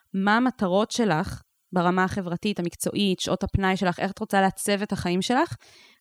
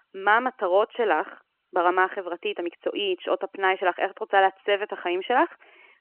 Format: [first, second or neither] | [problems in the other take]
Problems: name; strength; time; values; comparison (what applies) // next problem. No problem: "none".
first | phone-call audio; nothing above 3 kHz